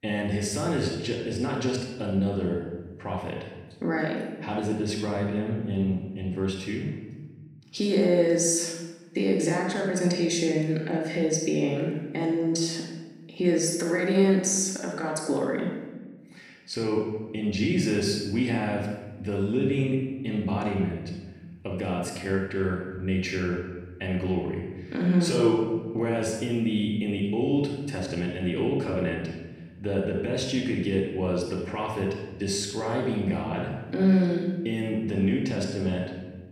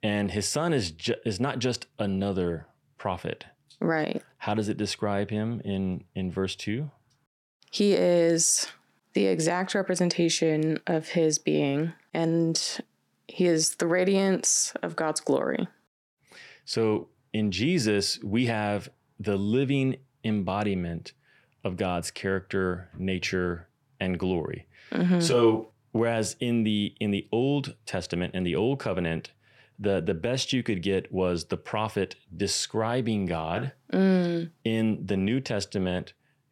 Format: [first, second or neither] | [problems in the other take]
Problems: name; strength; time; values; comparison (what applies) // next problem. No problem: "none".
second | off-mic speech; far // room echo; noticeable; dies away in 1.1 s